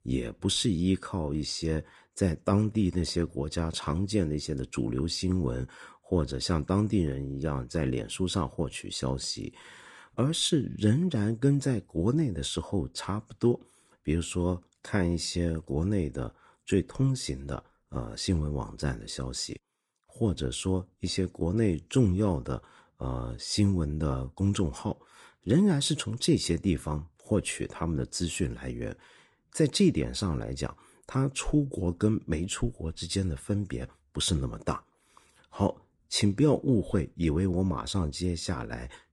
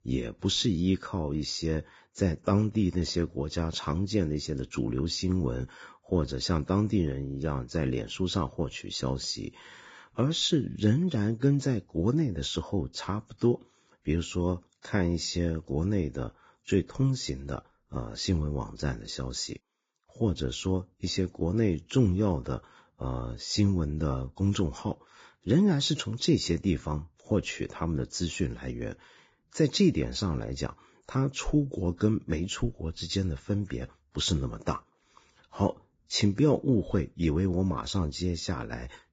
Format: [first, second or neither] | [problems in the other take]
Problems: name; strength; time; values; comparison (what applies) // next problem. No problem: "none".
first | garbled, watery; badly; nothing above 7.5 kHz; slightly in the first